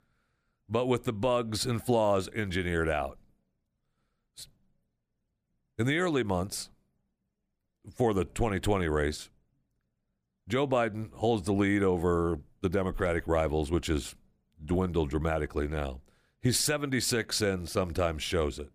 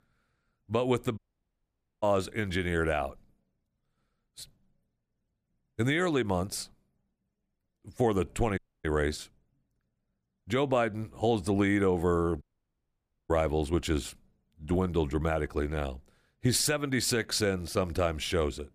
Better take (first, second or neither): first